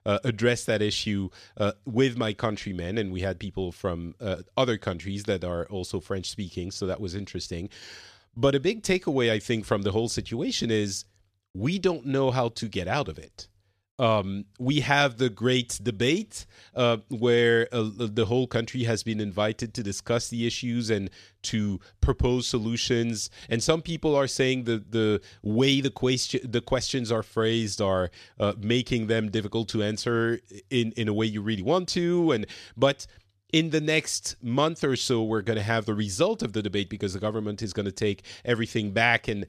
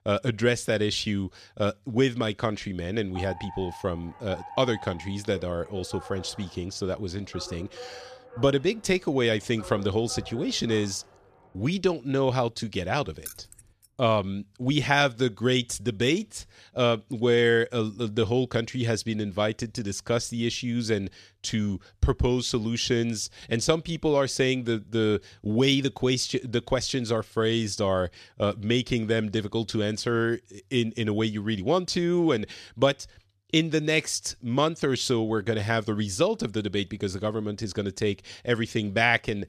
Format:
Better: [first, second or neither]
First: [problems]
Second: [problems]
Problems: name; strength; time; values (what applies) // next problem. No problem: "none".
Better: first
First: none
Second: alarm; faint; from 3 to 11 s; peak 15 dB below the speech // jangling keys; faint; at 13 s; peak 15 dB below the speech